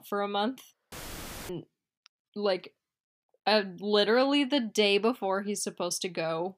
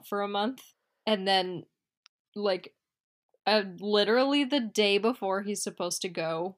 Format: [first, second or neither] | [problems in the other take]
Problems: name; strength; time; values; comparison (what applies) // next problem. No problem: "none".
second | audio cutting out; filled with static; at 1 s for 0.5 s